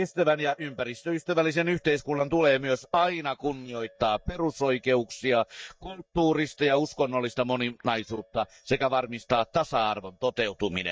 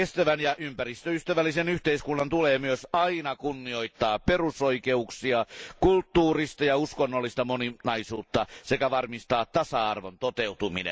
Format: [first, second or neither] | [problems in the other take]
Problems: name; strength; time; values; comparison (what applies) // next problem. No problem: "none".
second | noise reduction (neural mask model DeepFilterNet 3)